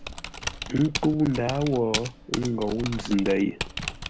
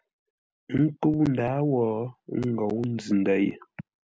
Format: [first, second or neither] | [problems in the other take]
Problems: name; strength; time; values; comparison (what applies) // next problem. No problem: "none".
second | background sound (Typing); 8 dB below the speech